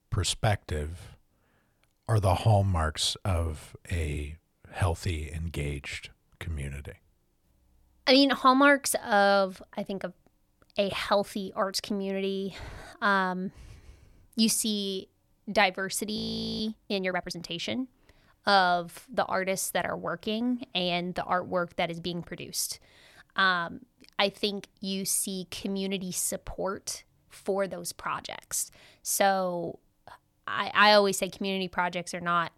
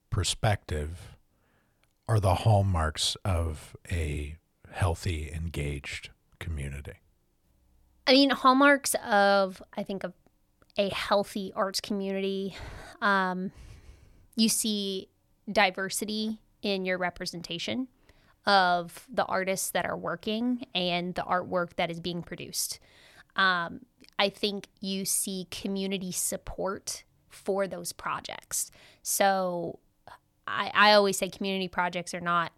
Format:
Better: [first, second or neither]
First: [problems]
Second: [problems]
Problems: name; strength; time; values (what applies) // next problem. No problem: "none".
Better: second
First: audio freezing; at 16 s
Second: none